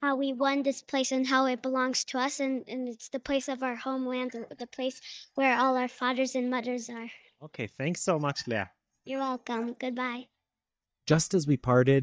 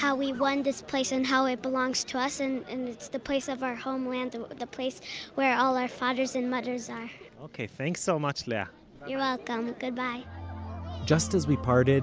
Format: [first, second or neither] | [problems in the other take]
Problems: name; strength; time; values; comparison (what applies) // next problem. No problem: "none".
second | noise reduction (neural mask model DeepFilterNet 3)